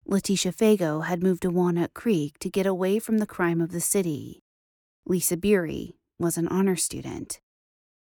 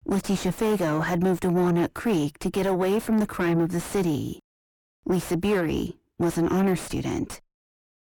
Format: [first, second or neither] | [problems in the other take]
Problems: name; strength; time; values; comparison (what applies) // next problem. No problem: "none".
first | distortion; heavy; 5 dB below the speech